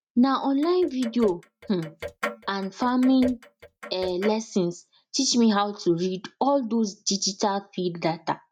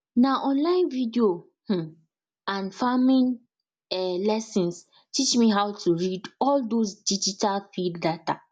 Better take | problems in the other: second | noise reduction (neural mask model RNNoise)

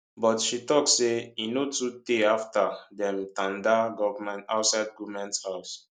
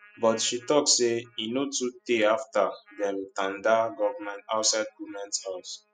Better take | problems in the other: first | noise reduction (classical method spectral subtraction)

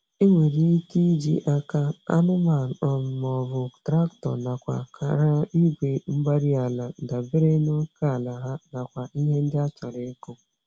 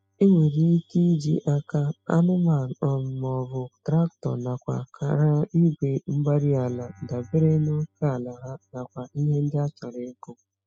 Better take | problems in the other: first | noise reduction (classical method spectral subtraction)

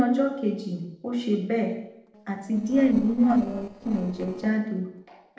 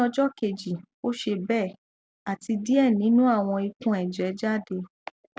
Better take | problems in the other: second | noise reduction (neural separator model SepFormer DNS4)

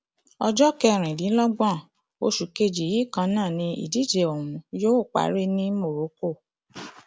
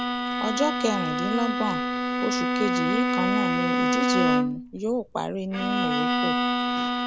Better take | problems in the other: first | background sound (Bowed string instrument); 5 dB above the speech

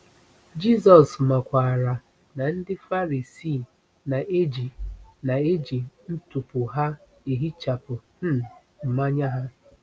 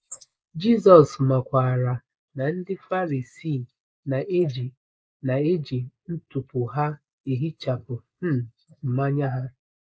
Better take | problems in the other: first | noise reduction (neural mask model Resemble Enhance denoiser)

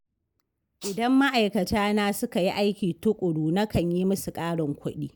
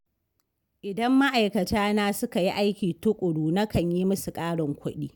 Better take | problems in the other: second | noise reduction (neural mask model Resemble Enhance denoiser)

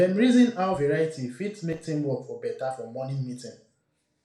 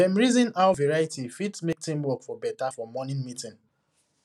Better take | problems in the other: second | room echo; dies away in 0.4 s

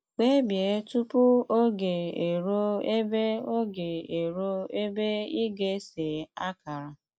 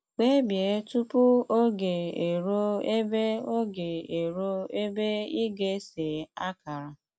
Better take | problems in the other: second | noise reduction (neural mask model Resemble Enhance denoiser)

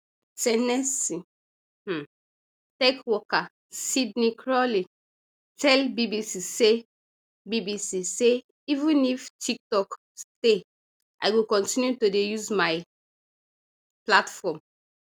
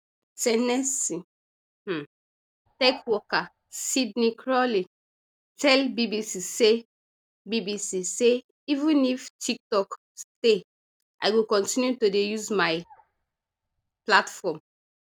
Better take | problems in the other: first | noise reduction (neural mask model RNNoise)

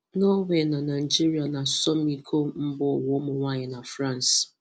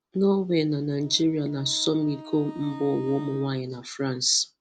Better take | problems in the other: first | background sound (Wind instrument, woodwind instrument); 19 dB below the speech

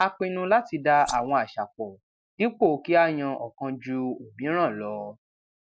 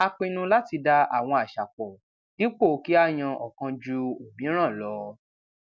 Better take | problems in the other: second | noise reduction (neural mask model Resemble Enhance denoiser)

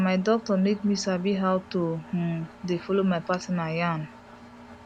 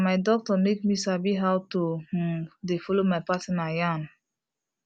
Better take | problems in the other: second | background sound (Engine); 20 dB below the speech

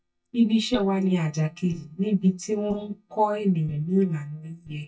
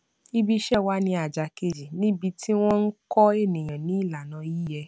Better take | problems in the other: second | noise reduction (neural mask model DeepFilterNet 3)

